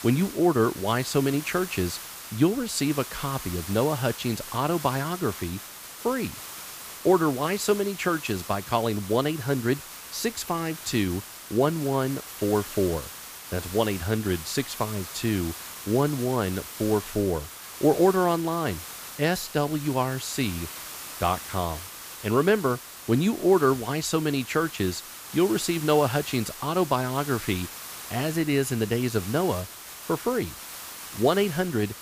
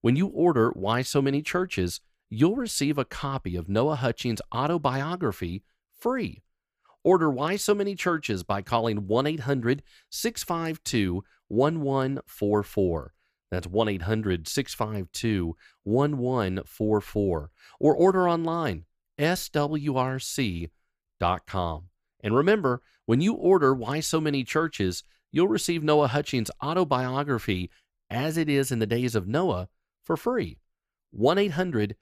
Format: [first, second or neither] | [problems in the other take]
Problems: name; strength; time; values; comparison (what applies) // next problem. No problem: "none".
second | hiss; noticeable; throughout; 10 dB below the speech